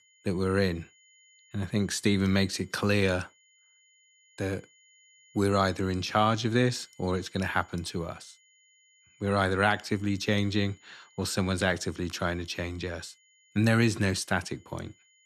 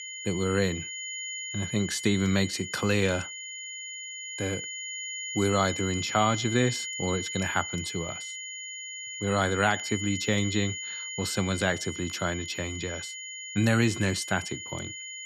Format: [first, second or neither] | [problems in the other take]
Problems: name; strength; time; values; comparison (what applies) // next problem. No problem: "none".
first | high-pitched whine; loud; throughout; 2 kHz, 6 dB below the speech; faint in the first